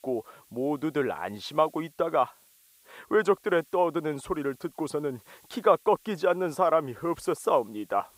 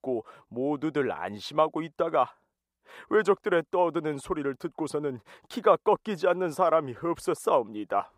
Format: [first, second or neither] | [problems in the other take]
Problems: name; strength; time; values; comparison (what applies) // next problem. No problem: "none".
second | hiss; faint; throughout; 30 dB below the speech